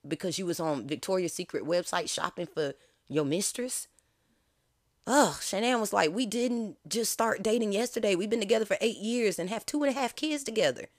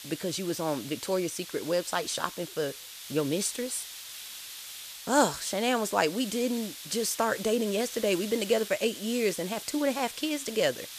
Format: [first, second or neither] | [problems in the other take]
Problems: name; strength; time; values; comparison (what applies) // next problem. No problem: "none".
first | hiss; noticeable; throughout; 10 dB below the speech